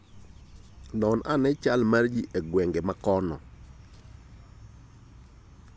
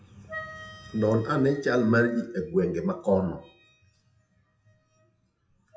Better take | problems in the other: first | noise reduction (classical method WPE with log-MMSE)

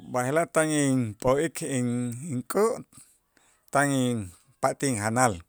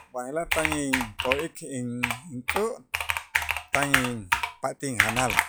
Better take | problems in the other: first | noise reduction (classical method log-MMSE)

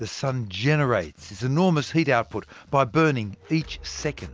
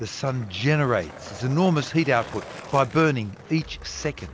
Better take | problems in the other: first | background sound (Skateboard); 17 dB below the speech

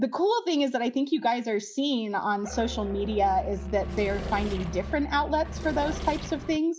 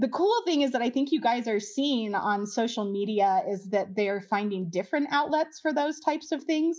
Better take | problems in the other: second | background sound (Musical instrument + Engine / Mechanisms); 8 dB below the speech

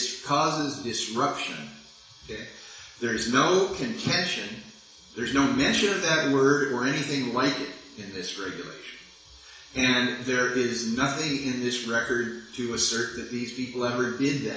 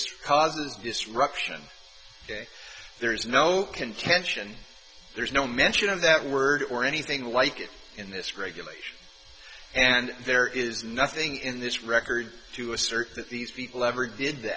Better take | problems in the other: second | room echo; dies away in 0.7 s

